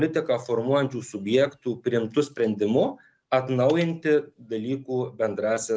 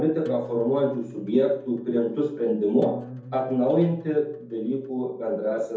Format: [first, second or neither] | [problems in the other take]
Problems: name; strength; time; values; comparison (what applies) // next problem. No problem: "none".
first | background sound (Acoustic guitar); 17 dB below the speech // room echo; dies away in 0.6 s